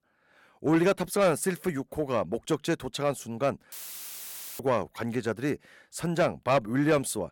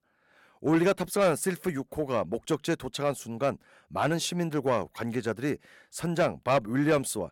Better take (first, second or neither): second